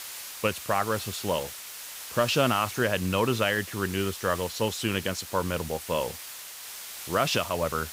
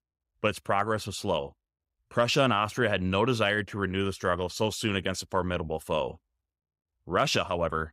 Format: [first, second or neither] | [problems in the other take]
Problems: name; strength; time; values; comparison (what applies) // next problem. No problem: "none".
second | hiss; loud; throughout; 10 dB below the speech